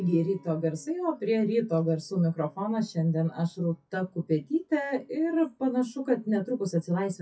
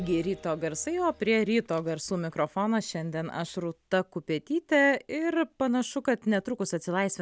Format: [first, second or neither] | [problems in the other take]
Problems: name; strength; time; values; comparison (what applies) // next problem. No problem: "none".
second | noise reduction (classical method WPE with log-MMSE)